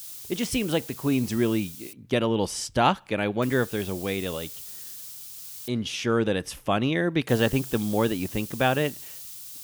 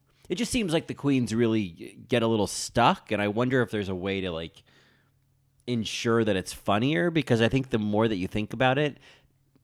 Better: second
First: hiss; noticeable; until 2 s, from 3.5 to 5.5 s and from 7.5 s on; 10 dB below the speech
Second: none

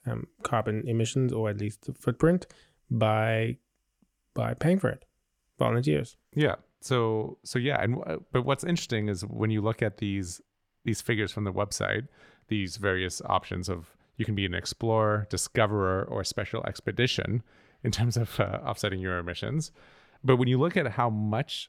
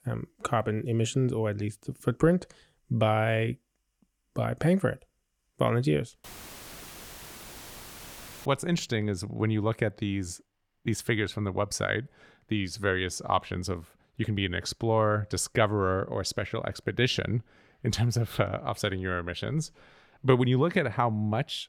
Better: first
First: none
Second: audio cutting out; filled with static; at 6 s for 2 s

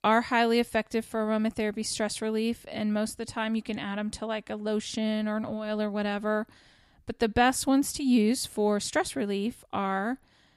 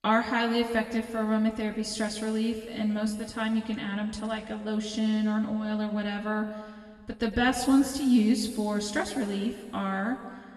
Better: first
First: none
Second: room echo; noticeable; dies away in 1.7 s // off-mic speech; somewhat distant

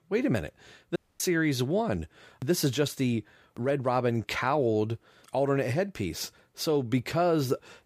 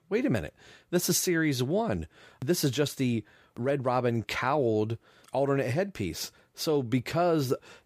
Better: second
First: audio cutting out; at 1 s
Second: none

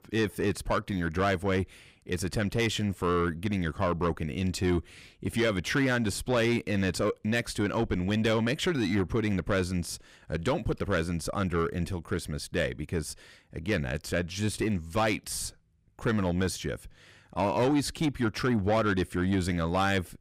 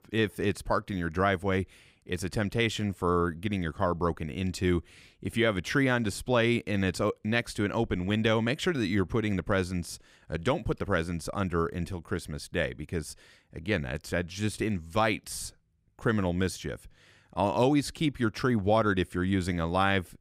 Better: second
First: distortion; slight; 10 dB below the speech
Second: none

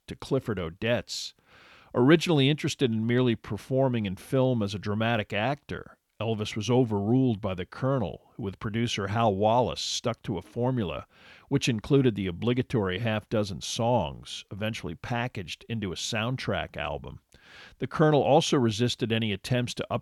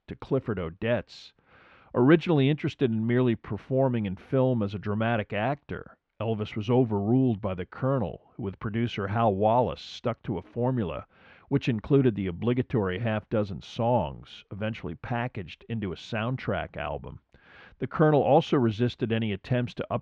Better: first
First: none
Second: muffled; very; fading above 2 kHz

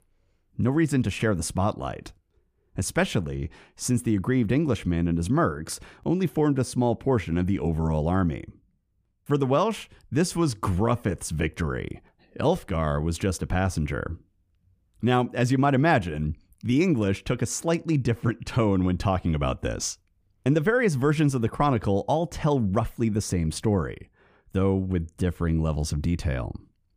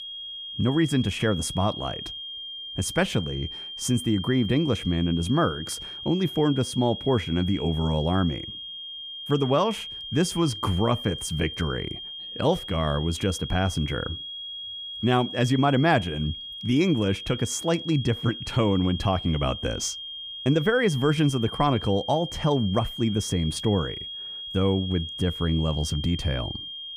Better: first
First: none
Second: high-pitched whine; loud; throughout; 3.5 kHz, 9 dB below the speech

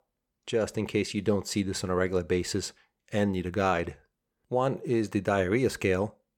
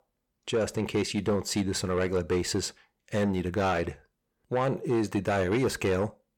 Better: first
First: none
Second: distortion; slight; 10 dB below the speech

